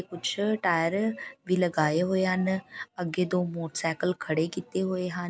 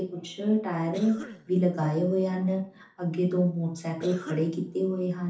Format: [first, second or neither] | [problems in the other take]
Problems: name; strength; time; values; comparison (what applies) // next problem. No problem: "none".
first | noise reduction (neural separator model SepFormer DNS4)